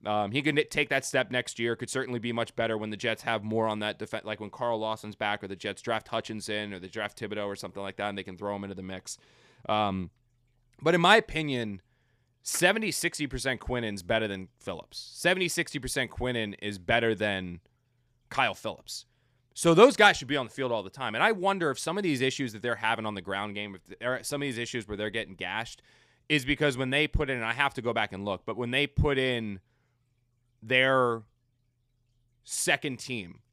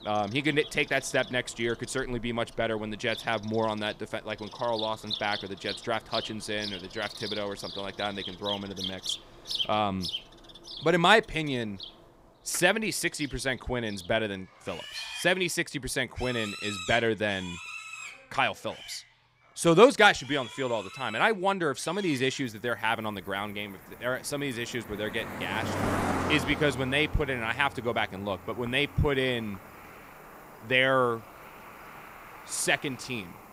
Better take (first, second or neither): first